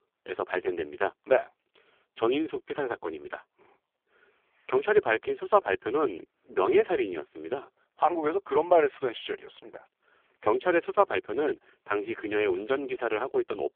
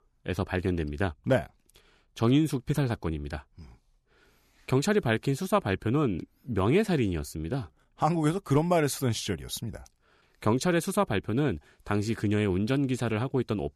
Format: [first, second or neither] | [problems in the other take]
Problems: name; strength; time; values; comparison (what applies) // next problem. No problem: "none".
second | phone-call audio; poor line; nothing above 3.5 kHz